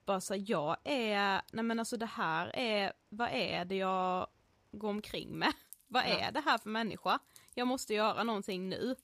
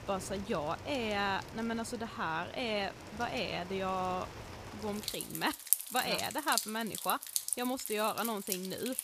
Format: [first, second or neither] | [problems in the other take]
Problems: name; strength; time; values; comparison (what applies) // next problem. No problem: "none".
first | rain or running water; loud; throughout; 3 dB below the speech; faint in the first